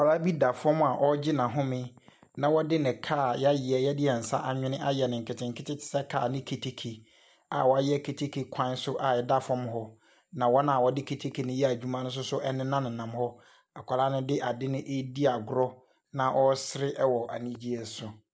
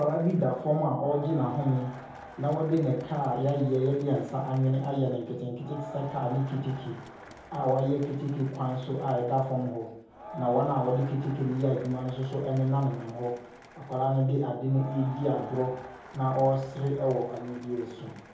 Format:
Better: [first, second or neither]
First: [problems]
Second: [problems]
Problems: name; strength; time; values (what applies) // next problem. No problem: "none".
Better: first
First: none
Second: background sound (Crowd); 18 dB below the speech // room echo; dies away in 0.7 s